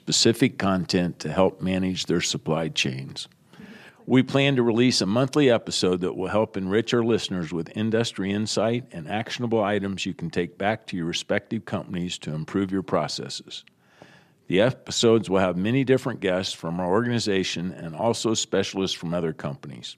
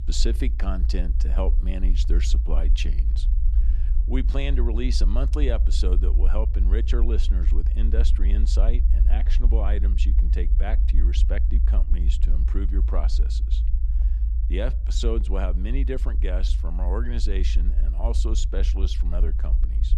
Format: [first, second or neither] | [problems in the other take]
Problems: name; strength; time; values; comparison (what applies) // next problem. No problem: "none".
first | low rumble; loud; throughout; 10 dB below the speech